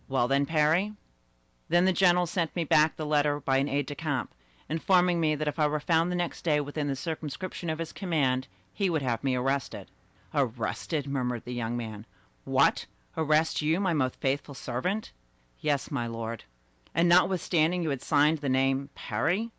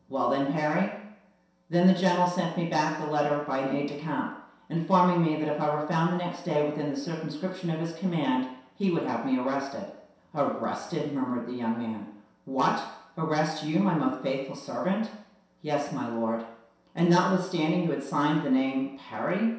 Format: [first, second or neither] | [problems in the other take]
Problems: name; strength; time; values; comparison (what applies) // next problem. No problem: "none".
first | room echo; dies away in 0.7 s